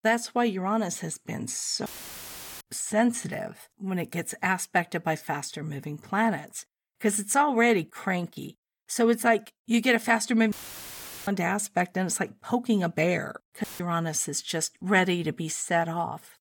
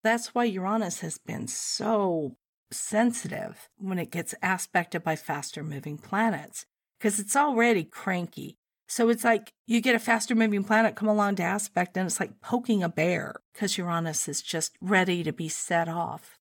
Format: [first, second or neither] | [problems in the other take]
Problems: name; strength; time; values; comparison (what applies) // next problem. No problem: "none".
second | audio cutting out; filled with static; at 2 s for 0.5 s, at 11 s for 1 s and at 14 s